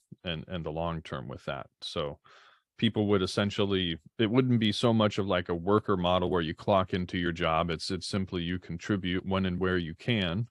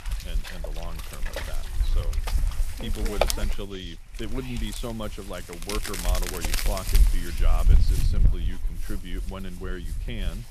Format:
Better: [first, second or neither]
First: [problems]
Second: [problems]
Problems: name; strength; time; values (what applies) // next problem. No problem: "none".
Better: first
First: none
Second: wind noise on the microphone; heavy; 4 dB above the speech